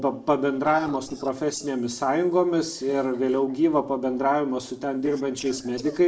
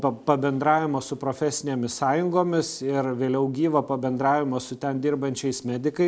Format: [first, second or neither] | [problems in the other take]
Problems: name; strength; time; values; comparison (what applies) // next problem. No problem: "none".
second | noise reduction (neural separator model SepFormer DNS4)